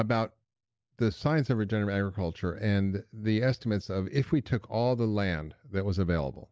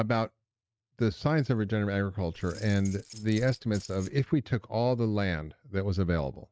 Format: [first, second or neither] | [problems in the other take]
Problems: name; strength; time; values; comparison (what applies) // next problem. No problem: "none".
first | noise reduction (neural mask model RNNoise)